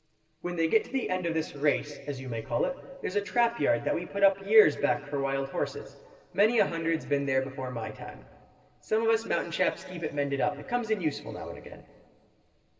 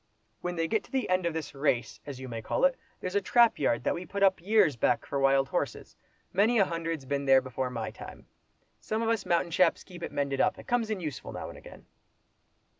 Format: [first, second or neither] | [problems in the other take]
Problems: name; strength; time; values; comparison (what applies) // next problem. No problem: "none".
second | room echo; dies away in 2.7 s